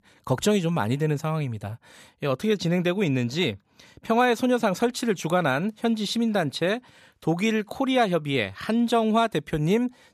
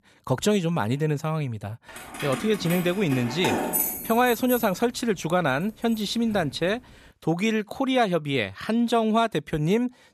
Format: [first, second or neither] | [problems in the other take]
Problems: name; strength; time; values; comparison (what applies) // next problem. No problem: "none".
first | jangling keys; loud; from 2 to 6.5 s; peak 2 dB above the speech